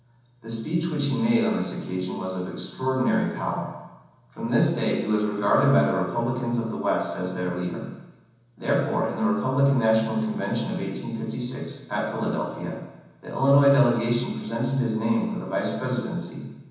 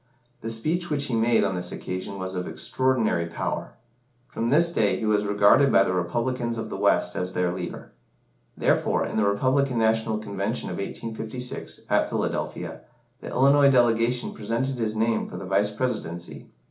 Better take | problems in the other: second | room echo; dies away in 1.1 s

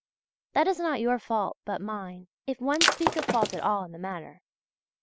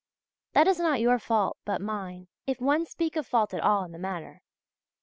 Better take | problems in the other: second | background sound (Shatter); 3 dB above the speech

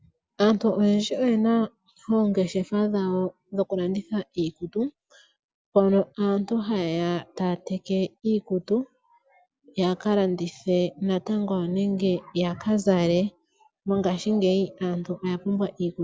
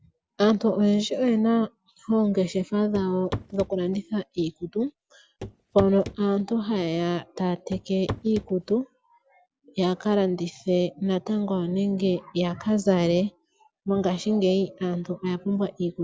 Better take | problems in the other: first | background sound (Walk, footsteps / Run / Wood); 11 dB below the speech

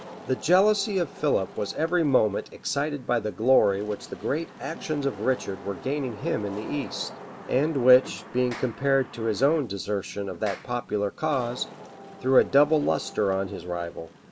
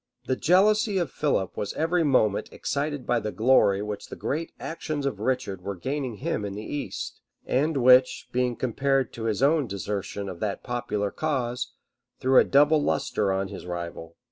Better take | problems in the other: second | background sound (Wind / Rain + Clapping); 17 dB below the speech

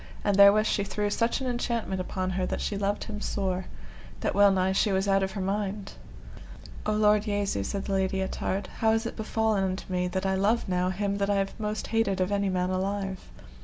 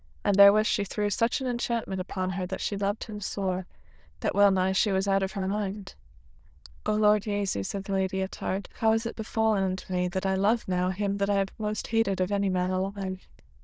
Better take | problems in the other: first | noise reduction (neural diffusion model UNIVERSE++)

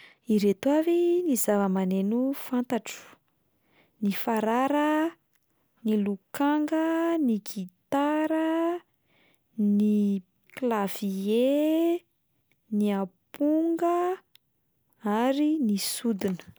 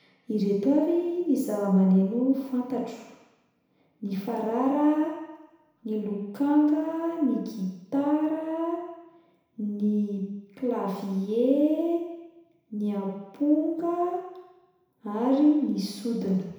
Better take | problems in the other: first | room echo; dies away in 1 s

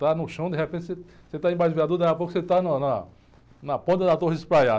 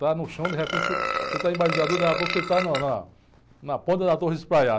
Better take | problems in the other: first | background sound (Burping, eructation); 4 dB below the speech

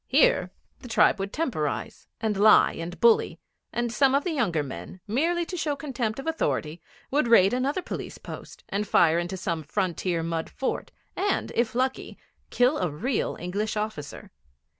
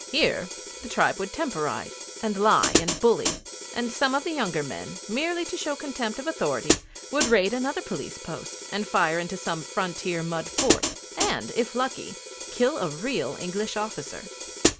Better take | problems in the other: first | background sound (Hi-hat); 4 dB below the speech

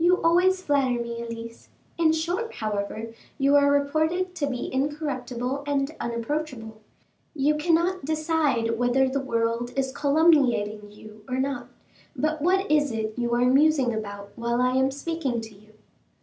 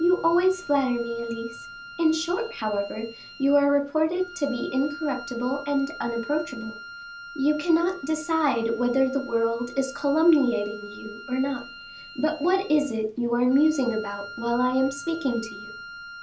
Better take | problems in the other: first | background sound (Wind instrument, woodwind instrument); 16 dB below the speech

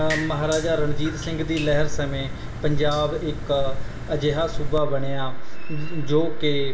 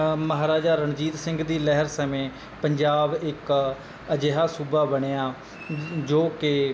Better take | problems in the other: second | background sound (Drip); 1 dB above the speech // room echo; dies away in 0.2 s

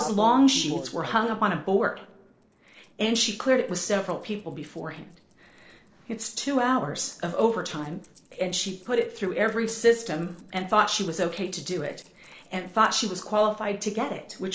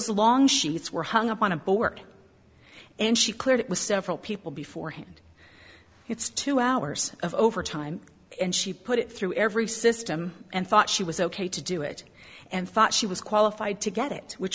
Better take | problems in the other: second | noise reduction (neural separator model SepFormer DNS4)

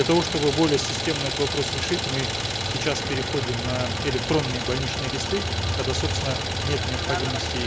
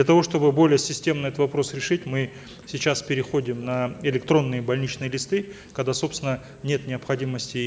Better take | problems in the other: second | background sound (Idling); as loud as the speech

